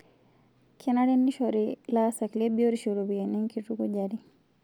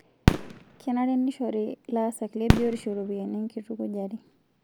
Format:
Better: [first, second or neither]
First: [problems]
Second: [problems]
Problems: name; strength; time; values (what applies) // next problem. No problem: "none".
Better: first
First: none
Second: background sound (Fireworks); as loud as the speech